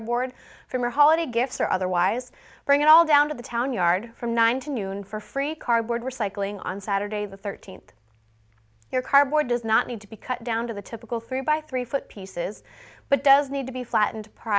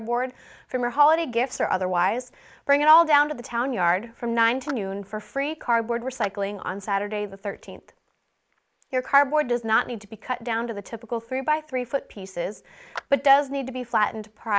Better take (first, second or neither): first